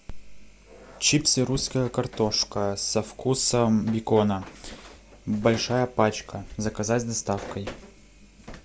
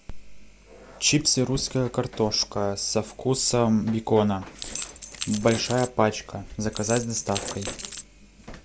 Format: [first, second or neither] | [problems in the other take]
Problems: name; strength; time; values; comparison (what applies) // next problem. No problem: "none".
first | background sound (Rattle / Keys jangling); 9 dB below the speech